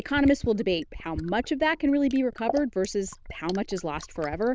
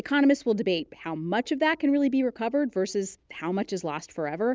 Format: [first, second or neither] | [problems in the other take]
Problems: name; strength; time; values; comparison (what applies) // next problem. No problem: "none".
second | noise reduction (neural diffusion model UNIVERSE++)